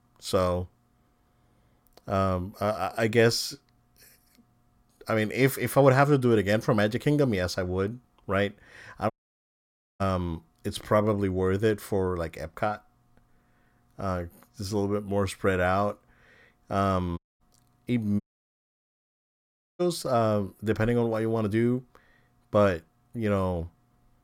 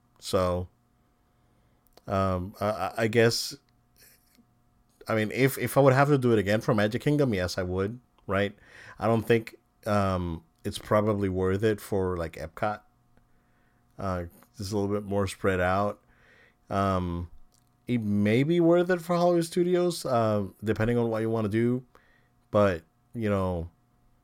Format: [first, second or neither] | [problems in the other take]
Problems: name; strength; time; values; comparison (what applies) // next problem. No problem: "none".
second | audio cutting out; at 9 s for 1 s, at 17 s and at 18 s for 1.5 s